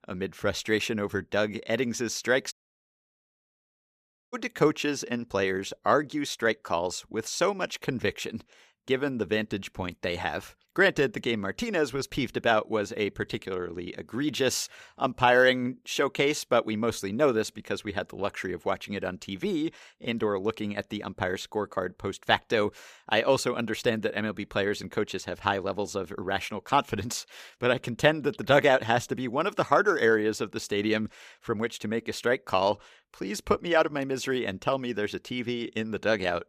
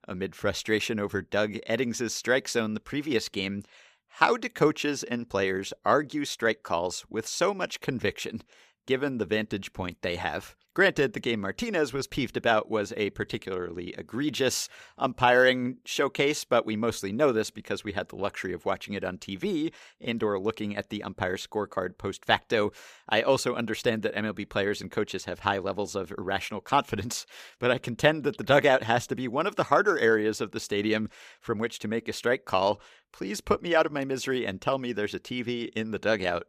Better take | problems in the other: second | audio cutting out; at 2.5 s for 2 s

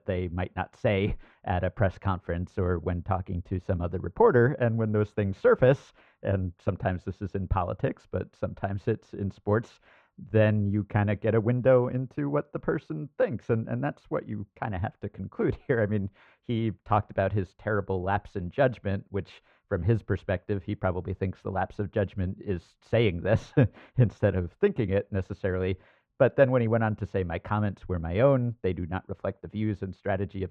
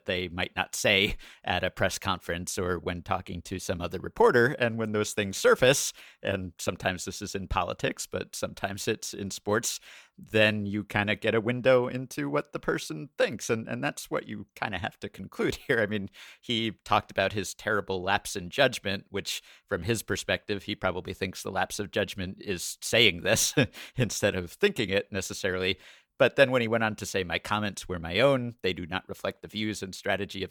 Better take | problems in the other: second | muffled; very; fading above 1 kHz

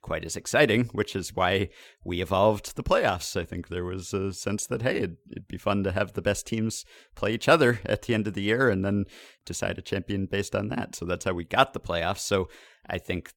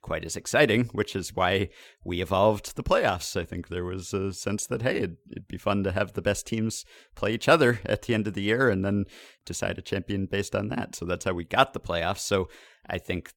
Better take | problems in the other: neither | none

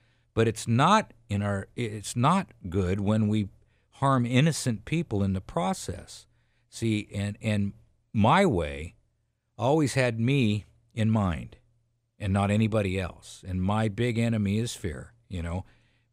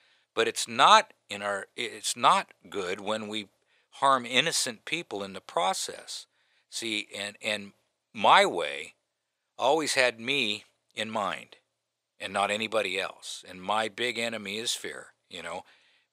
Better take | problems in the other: first | thin; very; fading below 600 Hz

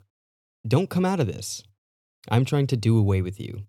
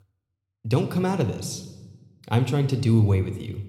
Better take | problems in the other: first | room echo; very slight; dies away in 0.9 s

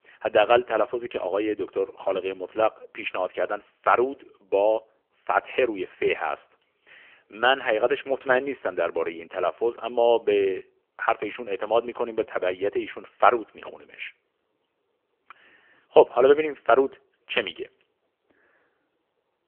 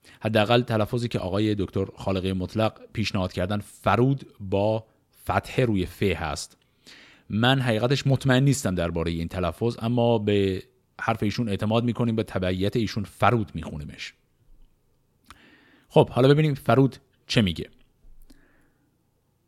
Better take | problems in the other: second | phone-call audio; poor line; nothing above 3 kHz

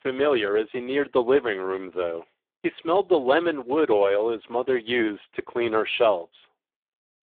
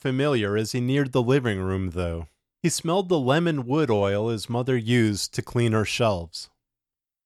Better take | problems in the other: second | phone-call audio; poor line; nothing above 3.5 kHz

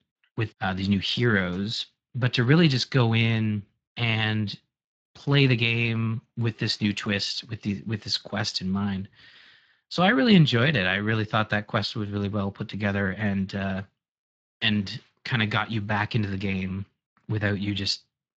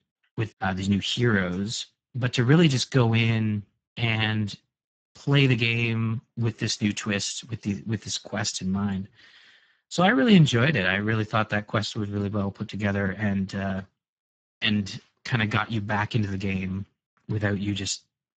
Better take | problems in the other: first | garbled, watery; badly; nothing above 7.5 kHz; slightly in the first

